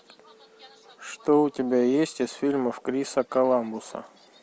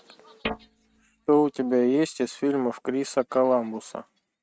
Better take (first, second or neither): first